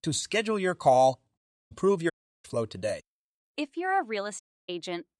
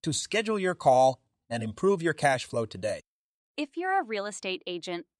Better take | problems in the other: second | audio cutting out; at 1.5 s, at 2 s and at 4.5 s

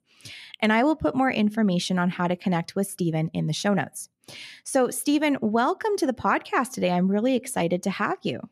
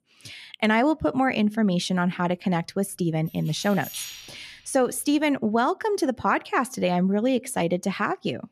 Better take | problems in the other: first | jangling keys; noticeable; from 3.5 to 4.5 s; peak 10 dB below the speech

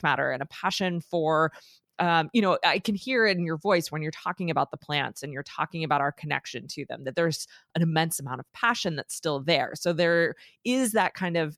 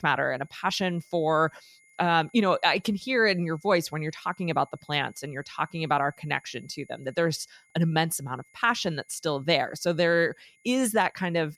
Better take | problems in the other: first | high-pitched whine; faint; throughout; 2 kHz, 30 dB below the speech

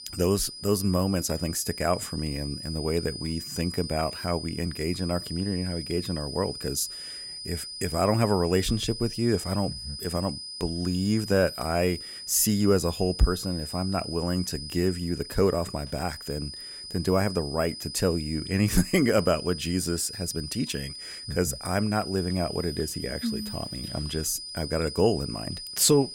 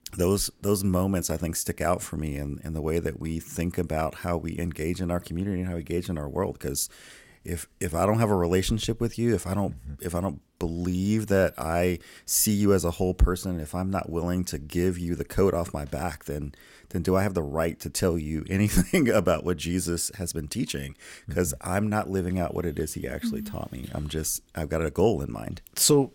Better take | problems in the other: second | high-pitched whine; loud; throughout; 5 kHz, 9 dB below the speech

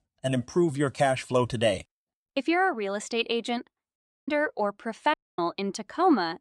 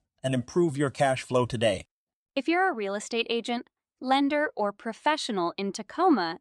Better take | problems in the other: second | audio cutting out; at 4 s and at 5 s

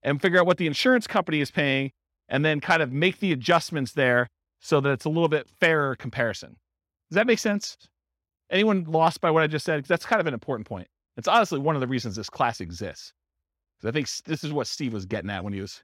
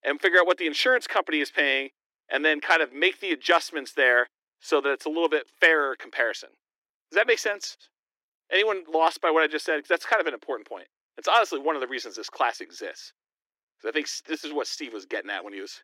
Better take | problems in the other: first | thin; very; fading below 300 Hz

